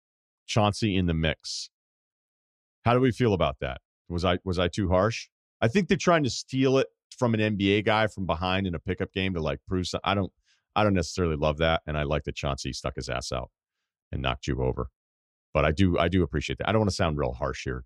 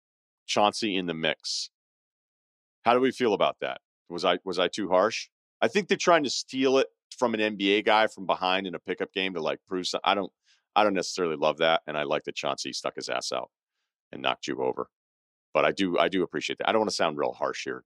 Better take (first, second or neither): first